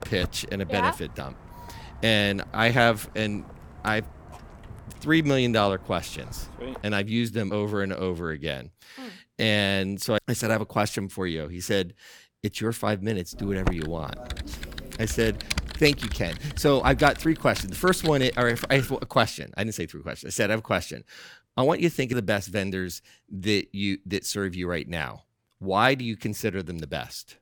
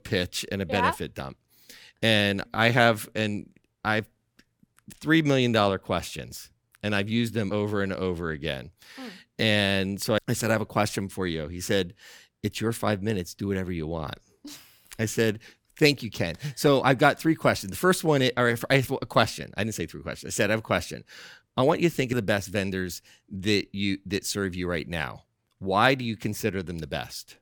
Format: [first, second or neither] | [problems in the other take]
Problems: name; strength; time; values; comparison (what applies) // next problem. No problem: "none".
second | footsteps; faint; until 7 s; peak 10 dB below the speech // keyboard typing; noticeable; from 13 to 19 s; peak 4 dB below the speech